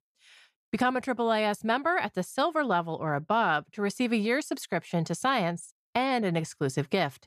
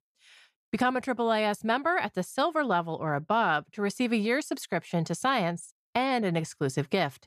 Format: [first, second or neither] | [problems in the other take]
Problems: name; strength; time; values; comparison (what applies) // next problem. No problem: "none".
neither | none